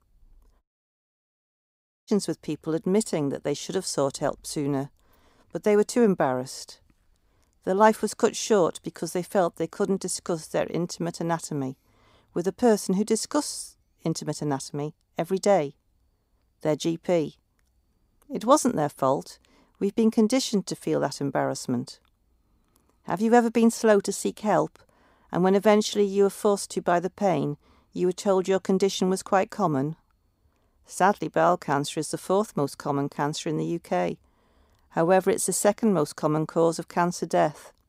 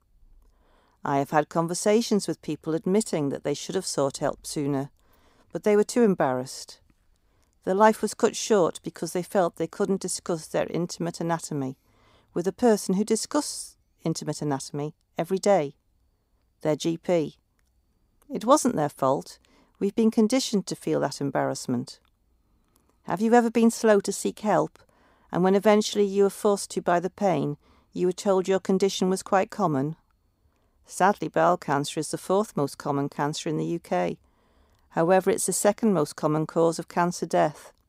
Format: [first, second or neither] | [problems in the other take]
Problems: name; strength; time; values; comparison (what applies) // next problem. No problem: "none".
second | audio cutting out; at 0.5 s for 1.5 s